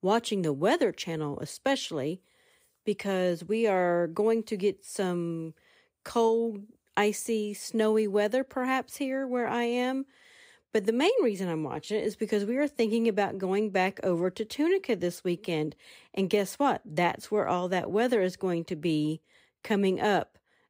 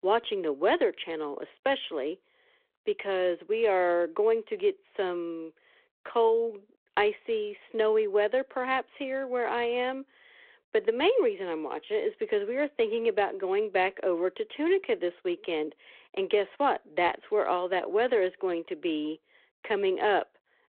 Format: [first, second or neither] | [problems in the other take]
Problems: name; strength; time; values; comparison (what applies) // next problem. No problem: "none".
first | phone-call audio